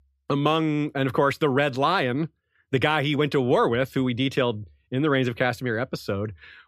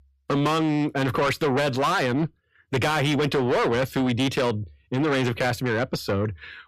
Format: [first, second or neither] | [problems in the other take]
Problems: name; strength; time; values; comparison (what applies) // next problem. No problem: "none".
first | distortion; heavy; 6 dB below the speech